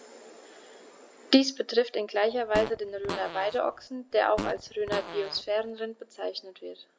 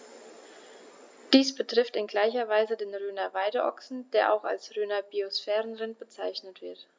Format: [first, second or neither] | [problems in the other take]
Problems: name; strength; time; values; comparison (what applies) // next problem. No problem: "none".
second | background sound (Fart); 9 dB below the speech